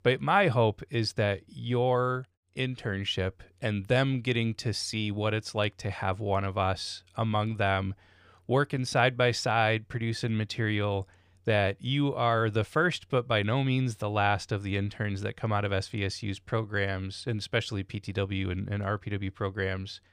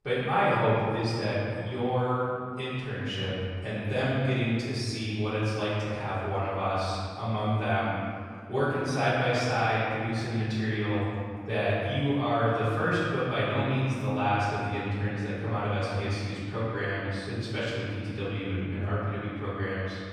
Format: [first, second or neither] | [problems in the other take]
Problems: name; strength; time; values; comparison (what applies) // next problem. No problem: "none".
first | off-mic speech; far // room echo; strong; dies away in 2 s